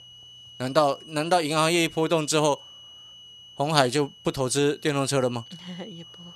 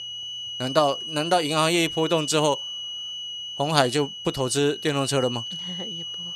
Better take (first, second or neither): first